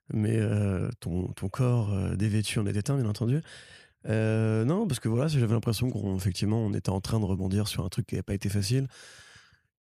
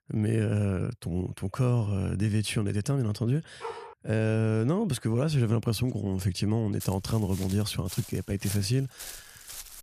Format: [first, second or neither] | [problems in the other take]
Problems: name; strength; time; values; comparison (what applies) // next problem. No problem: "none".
first | dog barking; faint; at 3.5 s; peak 10 dB below the speech // footsteps; faint; from 7 s on; peak 10 dB below the speech